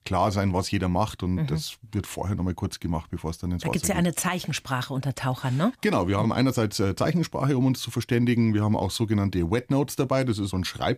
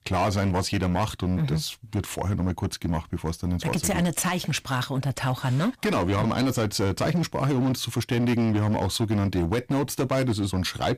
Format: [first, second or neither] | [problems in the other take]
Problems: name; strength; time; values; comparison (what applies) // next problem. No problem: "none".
first | distortion; slight; 15% of the sound clipped